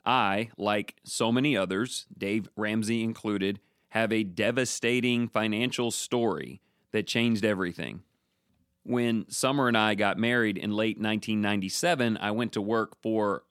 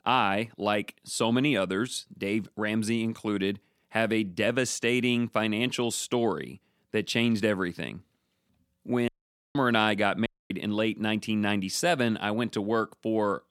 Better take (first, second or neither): first